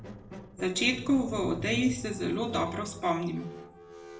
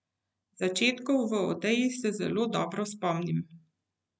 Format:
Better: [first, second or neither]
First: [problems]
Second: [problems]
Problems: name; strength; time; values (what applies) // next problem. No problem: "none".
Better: second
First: background sound (Squeak); 11 dB below the speech // room echo; dies away in 0.6 s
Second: none